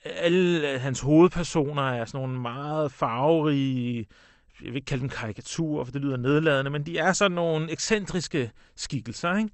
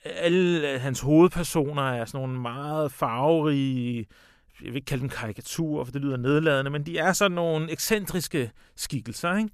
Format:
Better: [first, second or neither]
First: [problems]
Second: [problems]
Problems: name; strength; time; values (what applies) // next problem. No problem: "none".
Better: second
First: garbled, watery; slightly; nothing above 8 kHz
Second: none